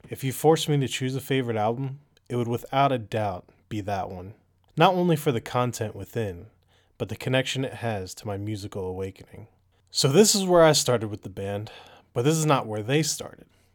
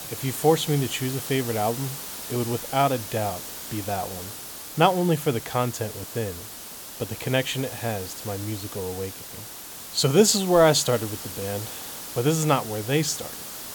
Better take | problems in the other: first | hiss; loud; throughout; 10 dB below the speech

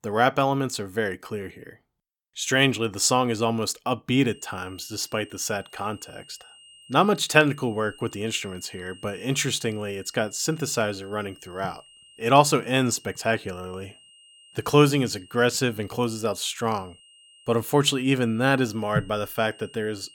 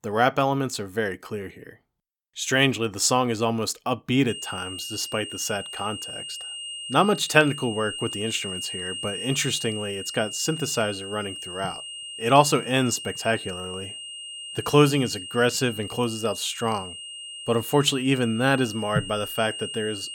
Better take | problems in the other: first | high-pitched whine; loud; from 4.5 s on; 3 kHz, 9 dB below the speech; faint in the first

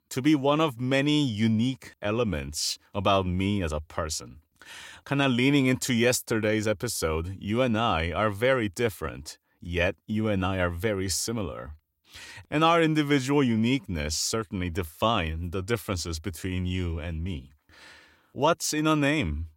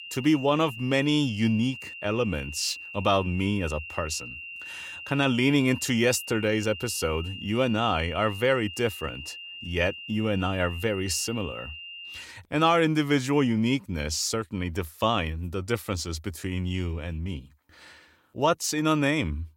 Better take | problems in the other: first | high-pitched whine; noticeable; until 12 s; 3 kHz, 10 dB below the speech

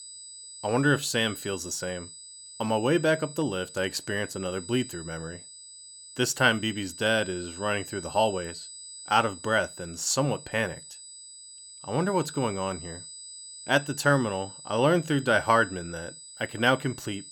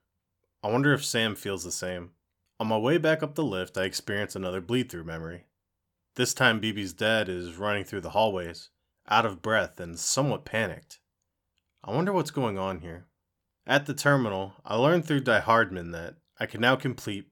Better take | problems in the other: second | high-pitched whine; noticeable; throughout; 8 kHz, 15 dB below the speech

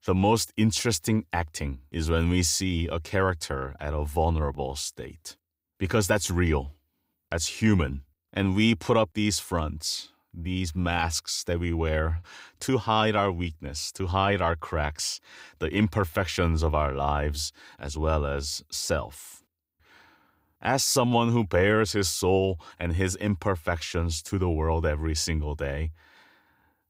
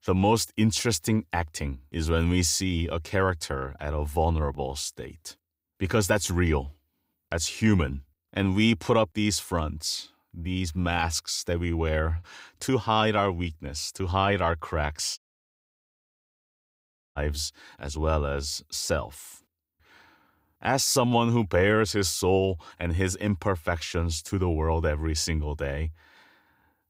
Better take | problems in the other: first | audio cutting out; at 15 s for 2 s

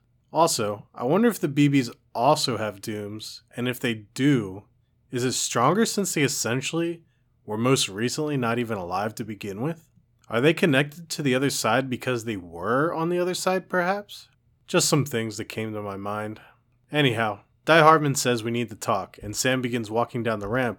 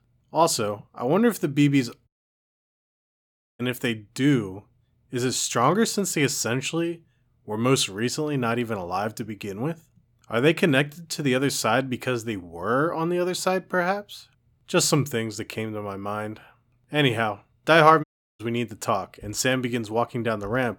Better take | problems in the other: first | audio cutting out; at 2 s for 1.5 s and at 18 s

